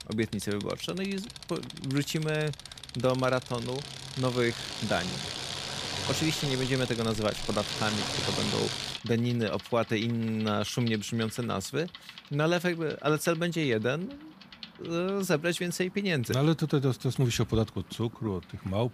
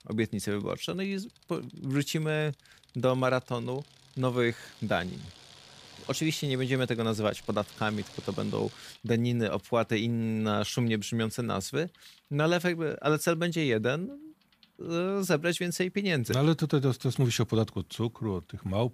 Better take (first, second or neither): second